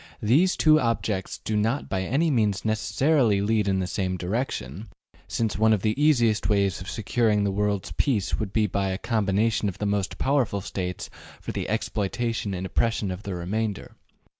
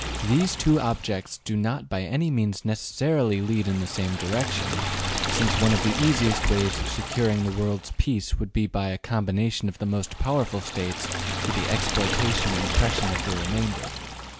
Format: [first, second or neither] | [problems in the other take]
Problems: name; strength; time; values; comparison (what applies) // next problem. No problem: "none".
first | background sound (Liquid); 5 dB below the speech